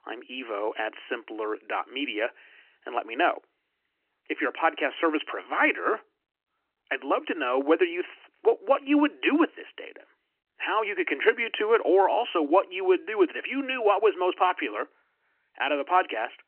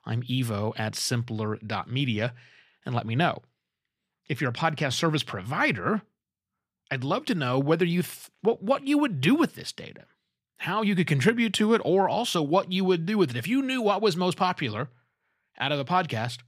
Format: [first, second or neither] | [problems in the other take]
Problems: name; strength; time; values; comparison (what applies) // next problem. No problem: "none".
second | phone-call audio; nothing above 3 kHz